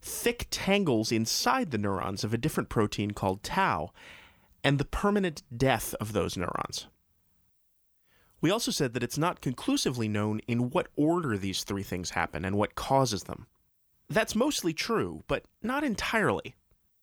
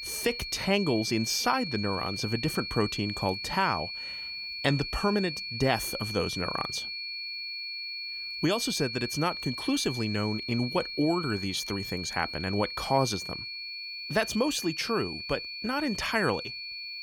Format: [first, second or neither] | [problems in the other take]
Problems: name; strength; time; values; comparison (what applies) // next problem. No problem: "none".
first | high-pitched whine; loud; throughout; 4.5 kHz, 5 dB below the speech